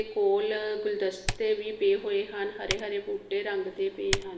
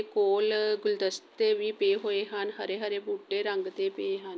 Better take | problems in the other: second | background sound (Typing); 10 dB below the speech // room echo; dies away in 1.1 s

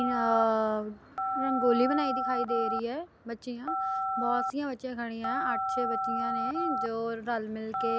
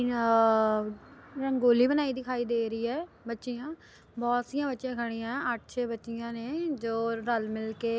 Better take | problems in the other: second | background sound (Telephone); 1 dB below the speech

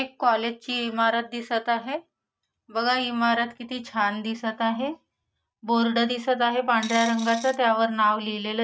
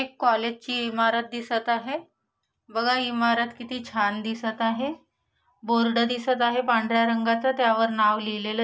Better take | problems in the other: second | noise reduction (neural mask model RNNoise)

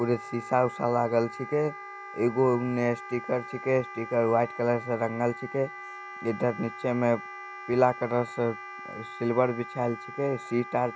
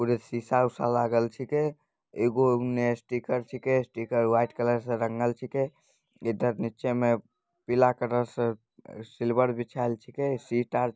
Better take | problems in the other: second | background sound (Wind instrument, woodwind instrument); 13 dB below the speech

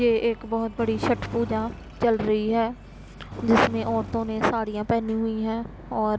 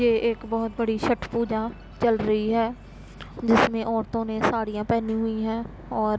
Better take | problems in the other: second | background sound (Engine); 15 dB below the speech

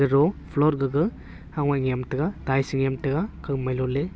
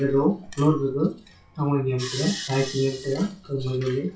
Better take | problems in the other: first | noise reduction (classical method WPE with log-MMSE)

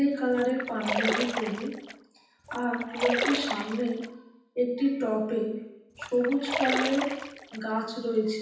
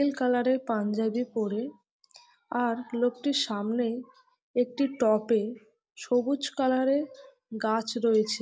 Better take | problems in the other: second | background sound (Splash, splatter); 4 dB below the speech // room echo; dies away in 0.9 s

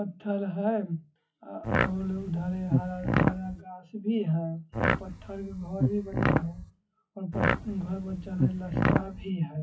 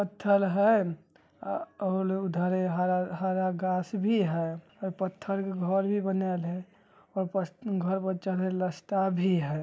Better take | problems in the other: second | noise reduction (classical method WPE with log-MMSE)

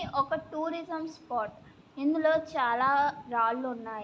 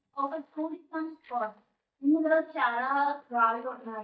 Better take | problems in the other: first | noise reduction (neural mask model DeepFilterNet 3)

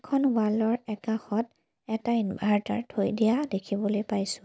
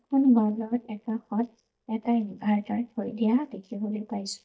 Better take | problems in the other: first | noise reduction (neural mask model DeepFilterNet 3)

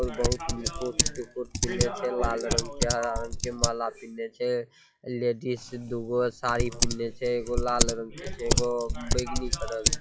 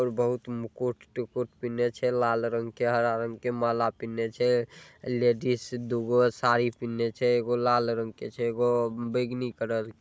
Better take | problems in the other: second | noise reduction (classical method log-MMSE)

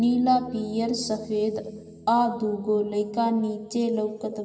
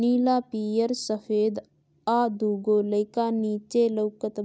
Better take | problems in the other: second | background sound (Bass guitar); 20 dB below the speech // room echo; dies away in 2.4 s

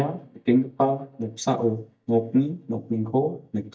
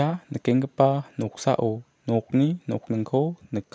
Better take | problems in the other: second | noise reduction (neural mask model DeepFilterNet 3)

